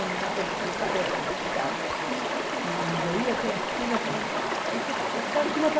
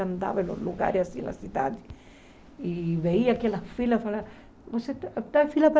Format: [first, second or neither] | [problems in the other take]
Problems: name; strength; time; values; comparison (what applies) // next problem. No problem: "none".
second | background sound (Stream); 3 dB above the speech